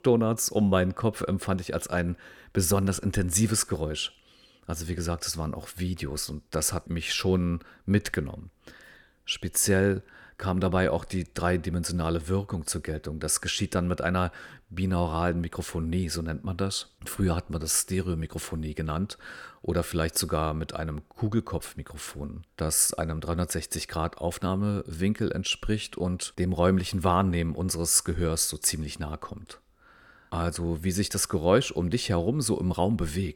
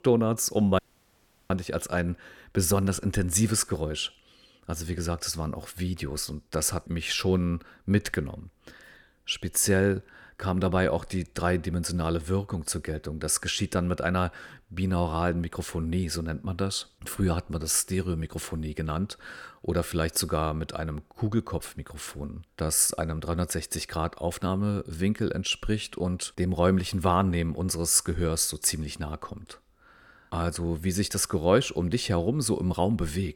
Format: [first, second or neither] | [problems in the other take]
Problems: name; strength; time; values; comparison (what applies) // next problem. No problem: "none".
first | audio cutting out; at 1 s for 0.5 s